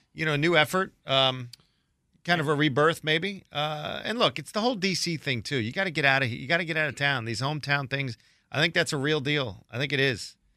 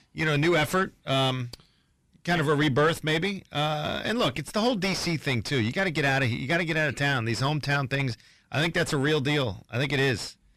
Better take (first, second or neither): first